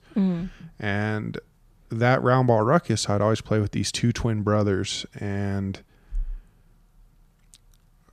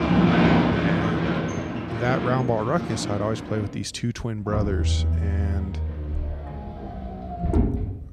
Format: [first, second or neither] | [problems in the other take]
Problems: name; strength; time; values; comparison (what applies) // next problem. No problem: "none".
first | traffic noise; very loud; throughout; 3 dB above the speech